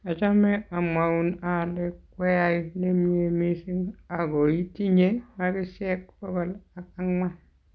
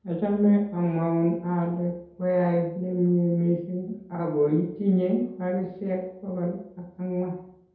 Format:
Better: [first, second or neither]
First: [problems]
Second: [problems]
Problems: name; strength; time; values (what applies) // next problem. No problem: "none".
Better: first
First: none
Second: room echo; dies away in 0.8 s